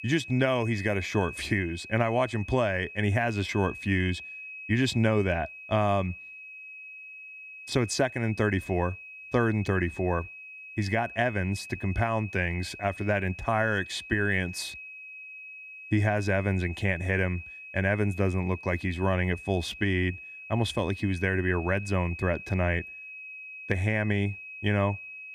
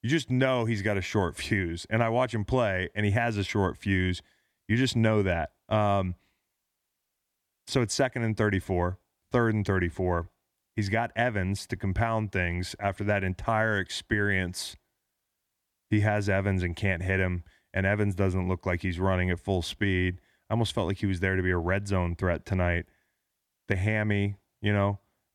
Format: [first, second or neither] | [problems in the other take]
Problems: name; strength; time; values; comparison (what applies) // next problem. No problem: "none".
second | high-pitched whine; noticeable; throughout; 2.5 kHz, 15 dB below the speech